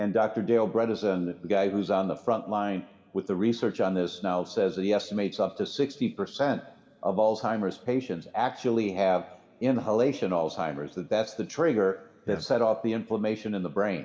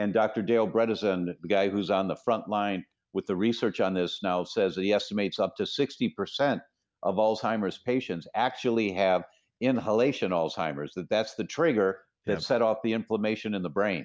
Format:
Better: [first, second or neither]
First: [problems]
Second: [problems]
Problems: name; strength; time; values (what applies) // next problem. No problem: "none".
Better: second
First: room echo; dies away in 2.3 s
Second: none